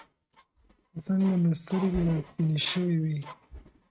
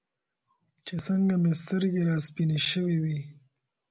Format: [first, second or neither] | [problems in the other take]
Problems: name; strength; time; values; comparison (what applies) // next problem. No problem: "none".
second | noise reduction (neural mask model RNNoise)